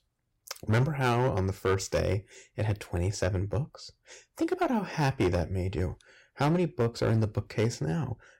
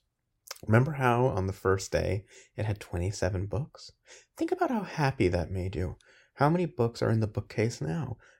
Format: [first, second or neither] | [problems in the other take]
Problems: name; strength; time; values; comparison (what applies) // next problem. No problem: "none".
second | distortion; slight; 5% of the sound clipped